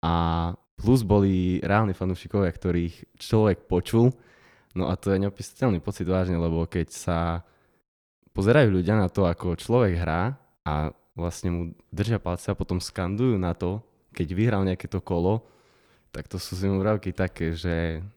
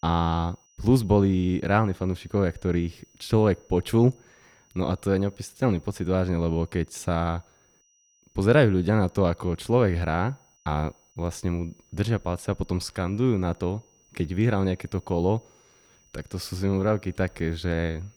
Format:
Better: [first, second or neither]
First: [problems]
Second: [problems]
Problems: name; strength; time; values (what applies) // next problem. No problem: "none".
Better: first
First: none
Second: high-pitched whine; faint; throughout; 6 kHz, 35 dB below the speech